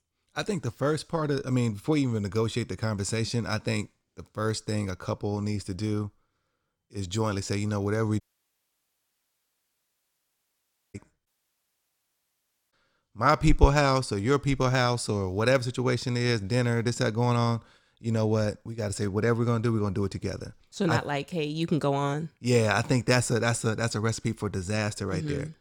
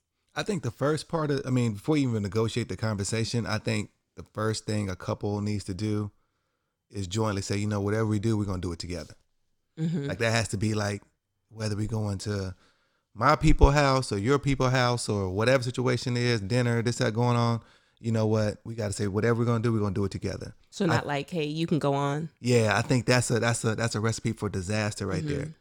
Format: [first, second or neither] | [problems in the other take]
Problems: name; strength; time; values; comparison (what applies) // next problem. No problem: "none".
second | audio cutting out; at 8 s for 2.5 s and at 11 s for 1.5 s